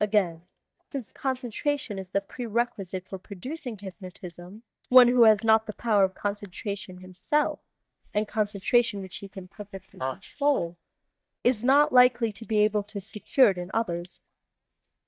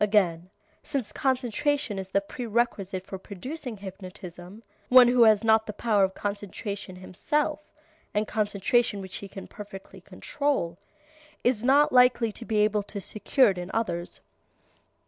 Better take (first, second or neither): second